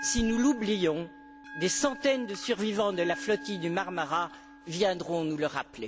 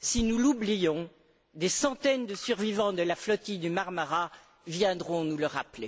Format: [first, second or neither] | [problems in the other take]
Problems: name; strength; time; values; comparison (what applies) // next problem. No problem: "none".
second | background sound (Bell); 15 dB below the speech